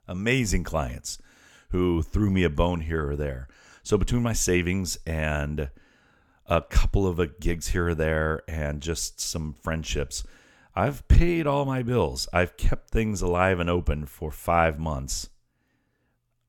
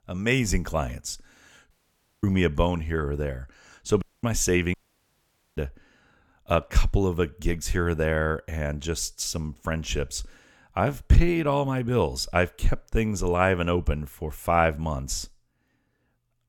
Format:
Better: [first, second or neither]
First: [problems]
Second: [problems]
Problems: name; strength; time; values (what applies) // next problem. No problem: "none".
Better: first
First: none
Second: audio cutting out; at 1.5 s for 0.5 s, at 4 s and at 4.5 s for 1 s